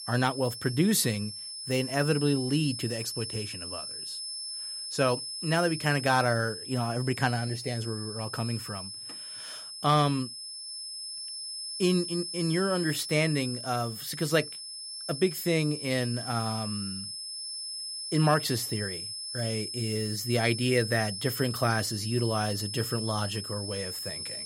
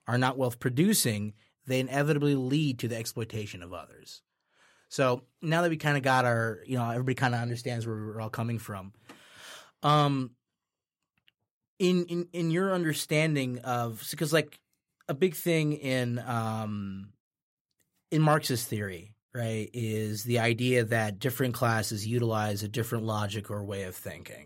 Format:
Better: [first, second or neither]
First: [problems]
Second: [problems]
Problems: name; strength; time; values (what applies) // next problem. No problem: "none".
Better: second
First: high-pitched whine; loud; throughout; 5.5 kHz, 7 dB below the speech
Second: none